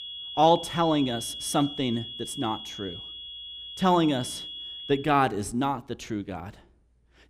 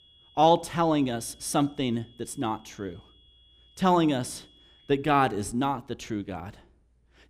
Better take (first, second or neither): second